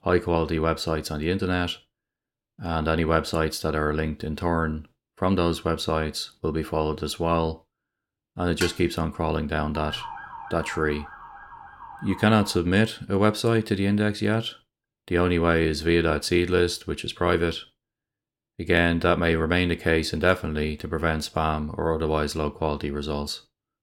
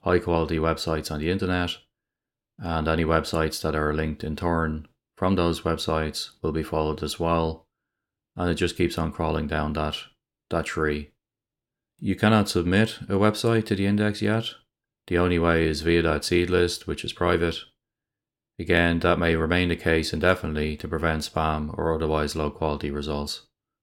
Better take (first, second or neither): second